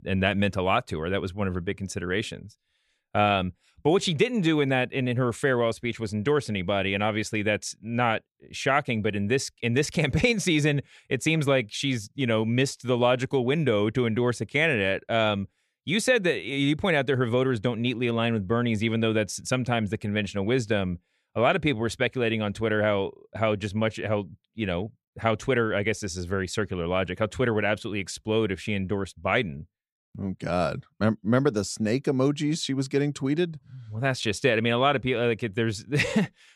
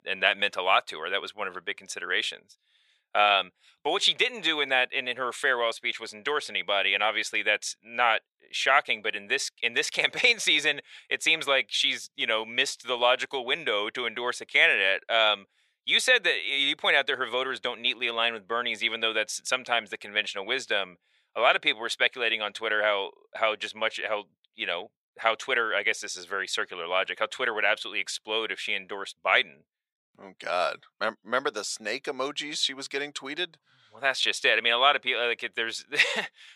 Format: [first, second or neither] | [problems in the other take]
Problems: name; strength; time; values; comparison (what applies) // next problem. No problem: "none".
first | thin; very; fading below 750 Hz